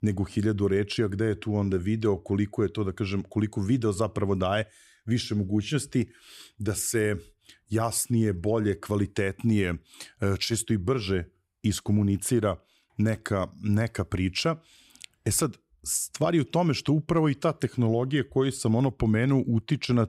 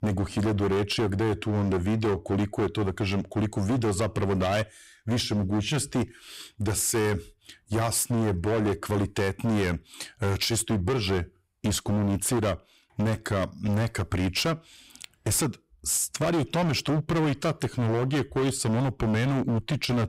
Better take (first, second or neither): first